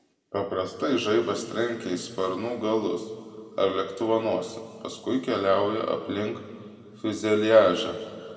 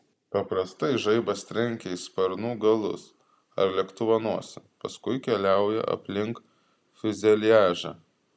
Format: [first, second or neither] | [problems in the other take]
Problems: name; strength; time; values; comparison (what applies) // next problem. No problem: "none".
second | room echo; dies away in 1.7 s